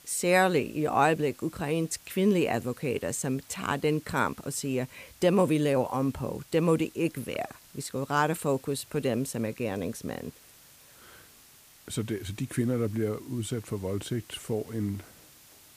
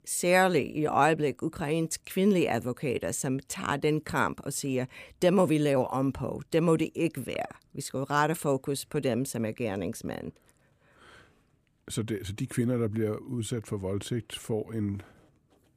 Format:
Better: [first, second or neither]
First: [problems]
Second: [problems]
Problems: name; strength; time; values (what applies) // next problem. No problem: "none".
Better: second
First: hiss; faint; throughout; 25 dB below the speech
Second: none